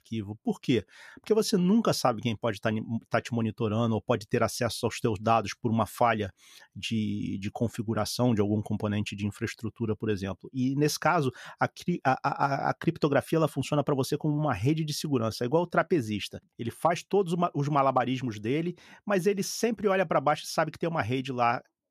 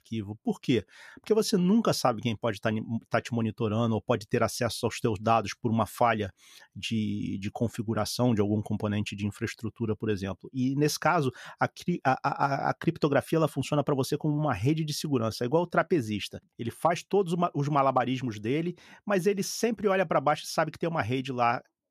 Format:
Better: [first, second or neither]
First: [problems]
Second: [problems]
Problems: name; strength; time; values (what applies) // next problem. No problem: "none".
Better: neither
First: none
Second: none